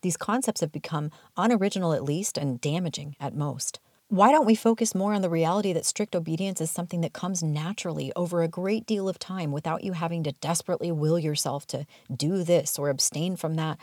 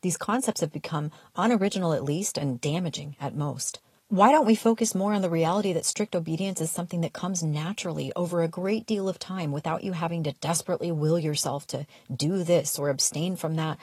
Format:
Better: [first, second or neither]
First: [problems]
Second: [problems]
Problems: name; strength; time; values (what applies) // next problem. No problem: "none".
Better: first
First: none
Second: garbled, watery; slightly